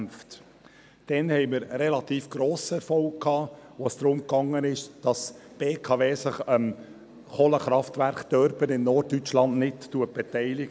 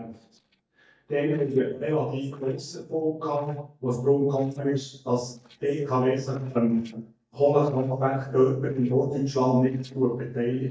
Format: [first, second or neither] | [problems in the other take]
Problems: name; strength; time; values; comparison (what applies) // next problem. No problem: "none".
first | noise reduction (neural mask model DeepFilterNet 3)